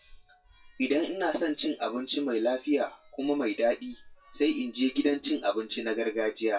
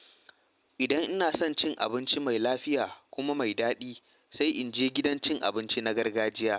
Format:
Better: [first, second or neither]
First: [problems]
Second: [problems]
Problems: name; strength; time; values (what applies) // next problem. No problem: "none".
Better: second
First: noise reduction (classical method WPE with log-MMSE)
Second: none